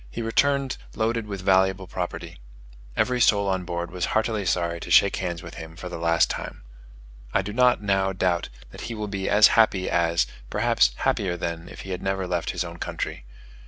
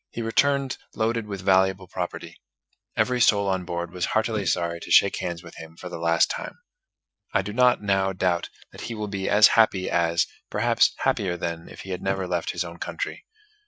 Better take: first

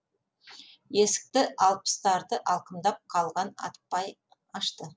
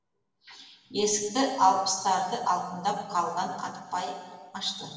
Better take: first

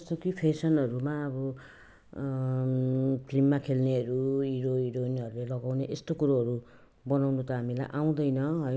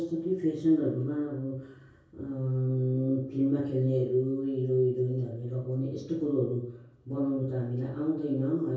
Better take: first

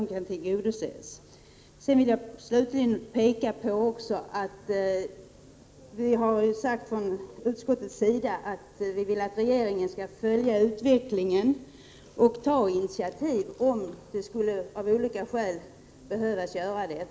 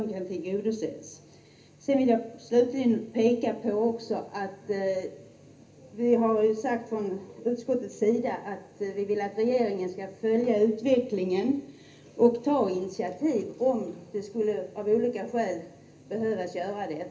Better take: first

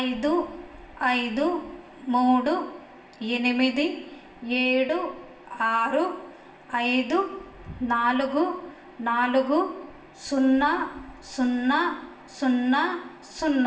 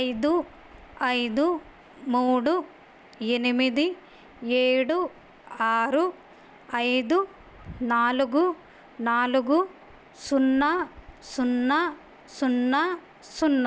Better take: second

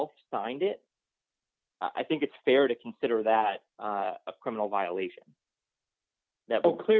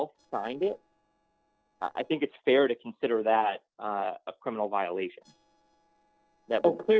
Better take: first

